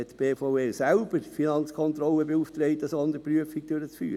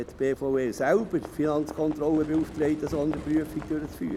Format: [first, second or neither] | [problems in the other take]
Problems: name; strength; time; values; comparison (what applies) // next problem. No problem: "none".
first | background sound (Livestock, farm animals, working animals); 14 dB below the speech